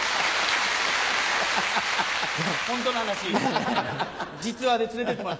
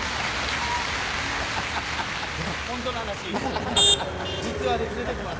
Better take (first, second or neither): first